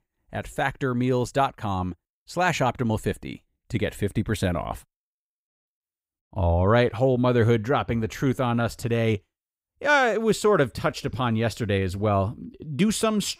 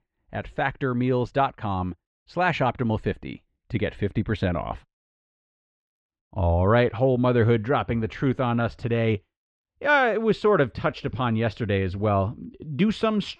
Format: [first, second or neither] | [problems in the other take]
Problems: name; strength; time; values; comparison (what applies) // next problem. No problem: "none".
first | muffled; slightly; fading above 3.5 kHz